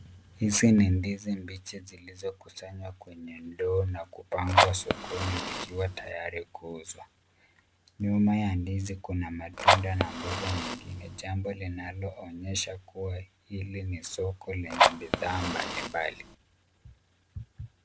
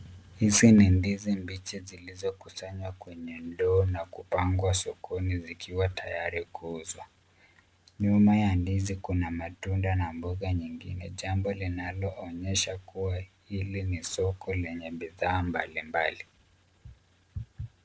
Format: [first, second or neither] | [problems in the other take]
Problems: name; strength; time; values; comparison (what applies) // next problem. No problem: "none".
second | background sound (Fire); 3 dB above the speech